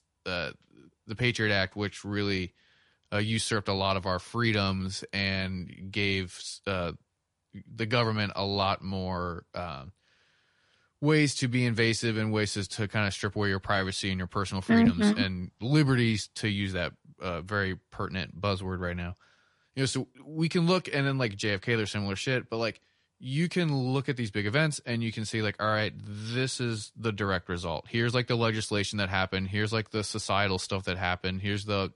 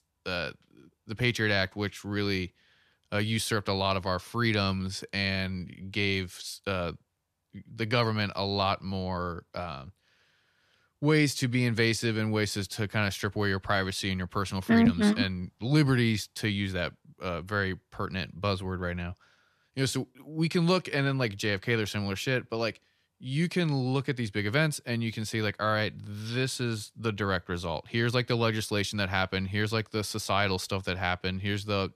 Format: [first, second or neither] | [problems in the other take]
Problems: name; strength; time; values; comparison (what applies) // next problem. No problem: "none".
second | garbled, watery; slightly; nothing above 10.5 kHz